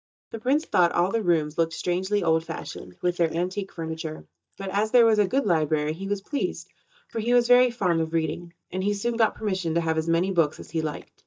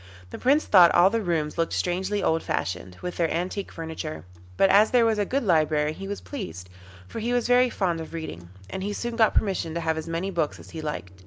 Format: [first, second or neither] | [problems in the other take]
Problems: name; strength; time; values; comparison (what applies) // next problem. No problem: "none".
second | noise reduction (neural mask model DeepFilterNet 3)